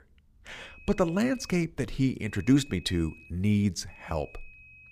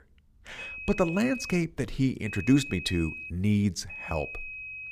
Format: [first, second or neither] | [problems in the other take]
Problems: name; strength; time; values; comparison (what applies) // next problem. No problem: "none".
first | high-pitched whine; loud; from 0.5 to 1.5 s, from 2.5 to 3.5 s and from 4 s on; 2.5 kHz, 10 dB below the speech; faint in the first